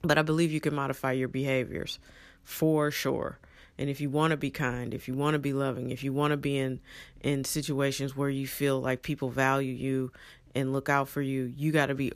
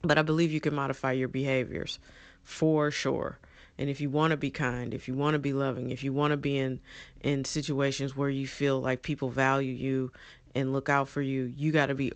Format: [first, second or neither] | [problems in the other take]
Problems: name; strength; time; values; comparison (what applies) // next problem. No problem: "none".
first | garbled, watery; slightly; nothing above 7.5 kHz